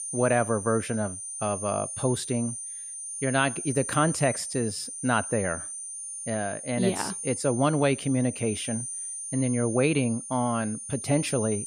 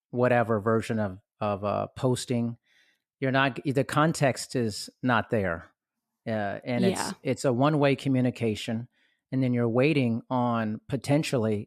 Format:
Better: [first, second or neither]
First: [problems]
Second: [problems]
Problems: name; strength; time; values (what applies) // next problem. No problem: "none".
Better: second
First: high-pitched whine; loud; throughout; 9 kHz, 6 dB below the speech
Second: none